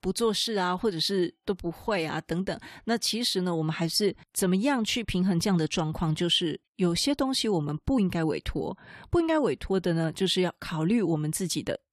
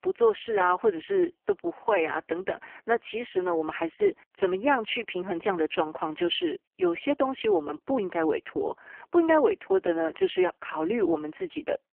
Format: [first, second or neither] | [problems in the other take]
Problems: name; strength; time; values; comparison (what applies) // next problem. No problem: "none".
first | phone-call audio; poor line; nothing above 3 kHz